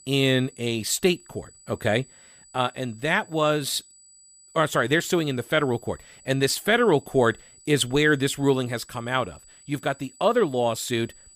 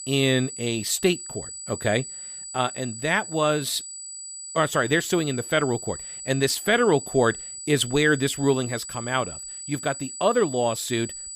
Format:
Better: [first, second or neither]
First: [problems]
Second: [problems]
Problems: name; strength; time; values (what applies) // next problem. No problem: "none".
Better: first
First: high-pitched whine; faint; throughout; 8 kHz, 25 dB below the speech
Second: high-pitched whine; loud; throughout; 8 kHz, 10 dB below the speech